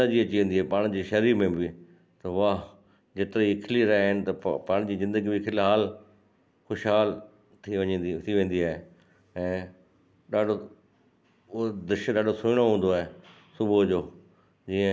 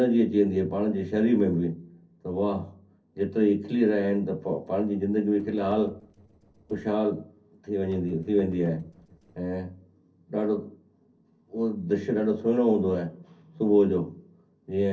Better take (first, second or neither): first